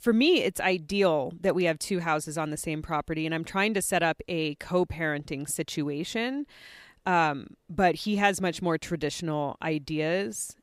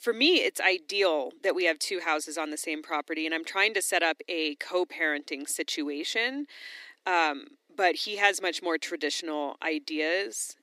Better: first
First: none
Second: thin; somewhat; fading below 300 Hz

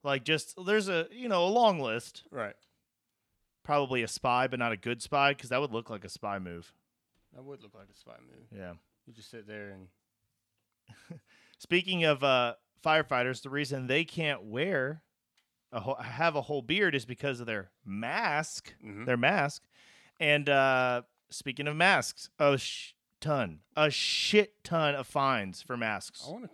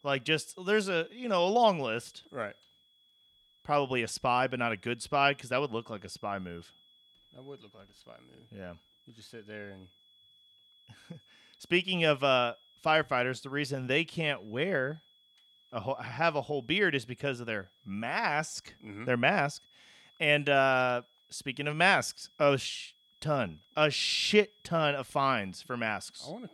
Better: first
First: none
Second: high-pitched whine; faint; throughout; 3.5 kHz, 35 dB below the speech

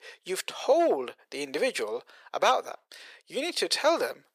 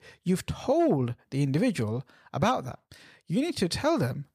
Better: second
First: thin; very; fading below 450 Hz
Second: none

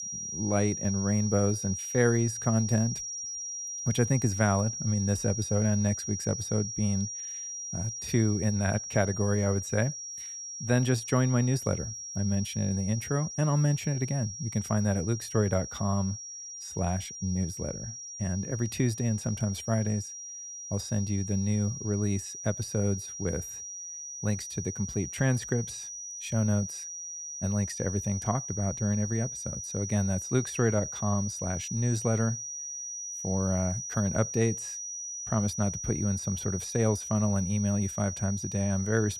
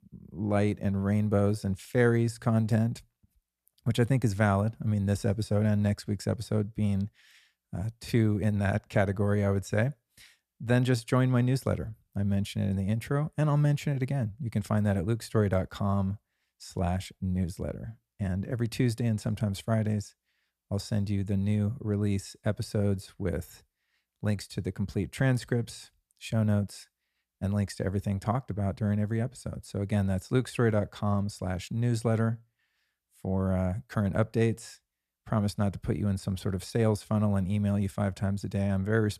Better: second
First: high-pitched whine; loud; throughout; 6 kHz, 6 dB below the speech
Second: none

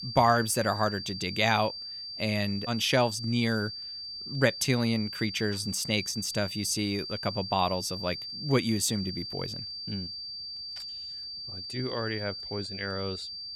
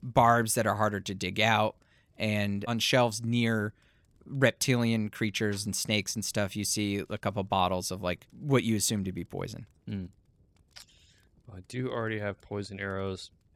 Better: second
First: high-pitched whine; loud; throughout; 4.5 kHz, 7 dB below the speech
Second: none

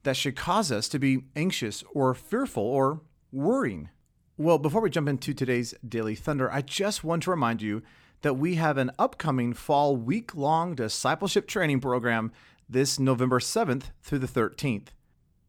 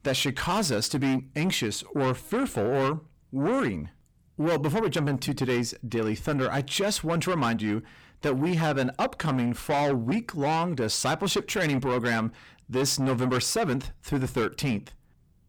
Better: first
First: none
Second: distortion; heavy; 7 dB below the speech

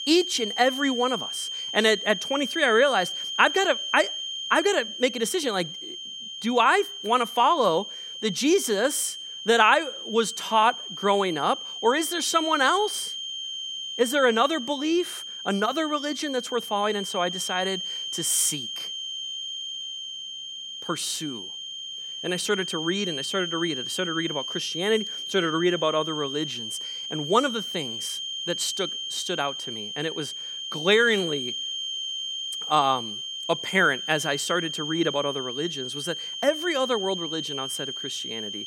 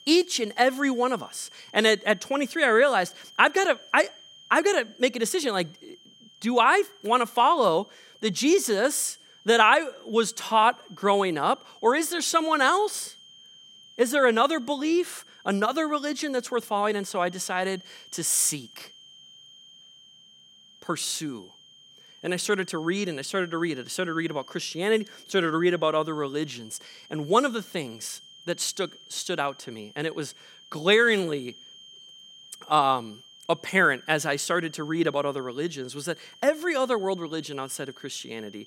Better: second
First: high-pitched whine; loud; throughout; 3 kHz, 6 dB below the speech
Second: high-pitched whine; faint; throughout; 3 kHz, 25 dB below the speech

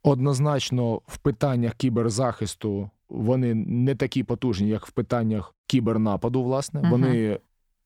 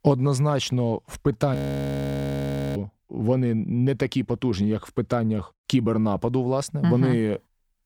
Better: first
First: none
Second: audio freezing; at 1.5 s for 1 s

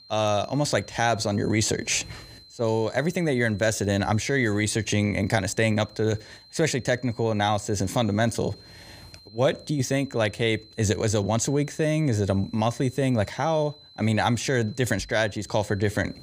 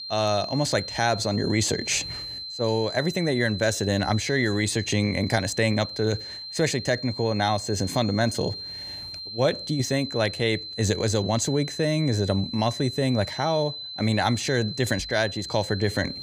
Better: first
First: high-pitched whine; faint; throughout; 4 kHz, 25 dB below the speech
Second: high-pitched whine; loud; throughout; 4 kHz, 8 dB below the speech

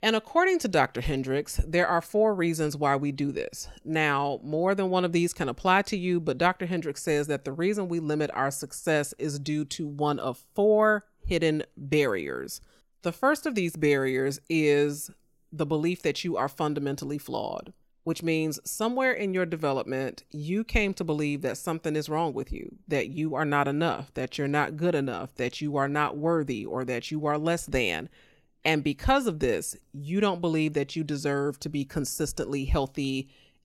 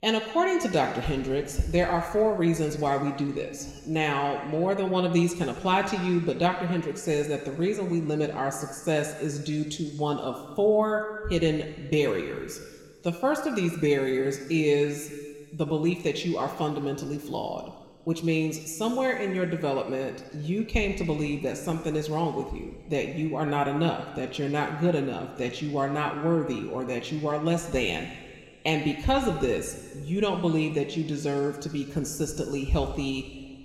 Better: first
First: none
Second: room echo; slight; dies away in 2 s

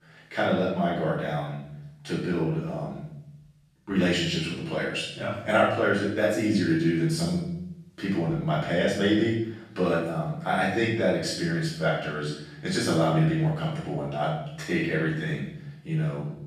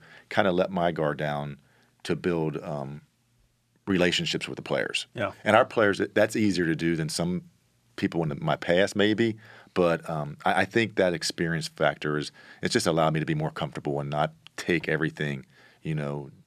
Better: second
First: off-mic speech; far // room echo; noticeable; dies away in 0.8 s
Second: none

